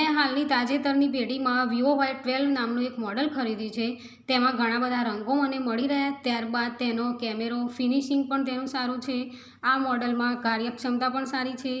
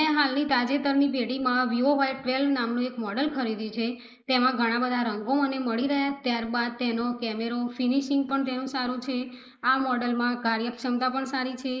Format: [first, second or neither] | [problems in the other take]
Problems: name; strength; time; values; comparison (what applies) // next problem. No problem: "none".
first | noise reduction (neural mask model Resemble Enhance denoiser)